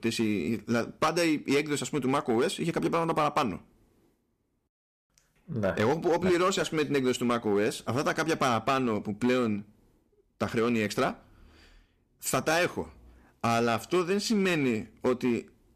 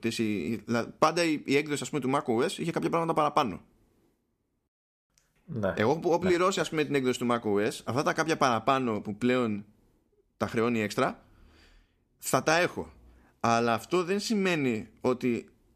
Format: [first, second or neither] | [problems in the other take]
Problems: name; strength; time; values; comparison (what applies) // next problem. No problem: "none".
second | distortion; slight; 5% of the sound clipped